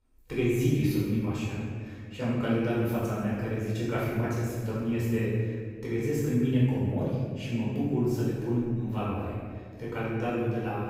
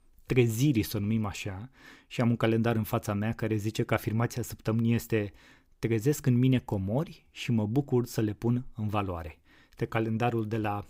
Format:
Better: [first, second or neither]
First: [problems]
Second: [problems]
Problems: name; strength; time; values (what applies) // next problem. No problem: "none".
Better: second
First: off-mic speech; far // room echo; strong; dies away in 1.8 s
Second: none